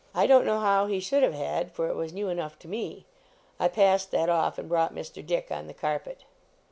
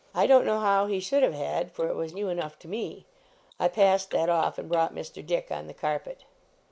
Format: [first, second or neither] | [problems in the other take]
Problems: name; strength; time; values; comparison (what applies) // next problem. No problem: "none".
first | noise reduction (neural mask model Resemble Enhance denoiser)